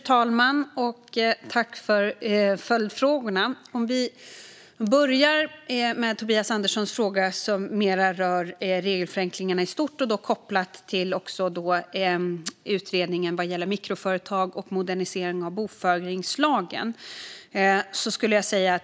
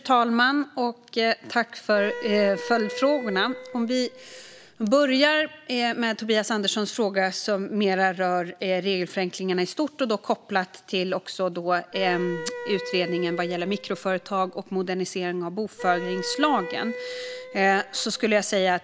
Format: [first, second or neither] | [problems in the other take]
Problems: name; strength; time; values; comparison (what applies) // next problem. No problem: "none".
first | background sound (Wind instrument, woodwind instrument); 11 dB below the speech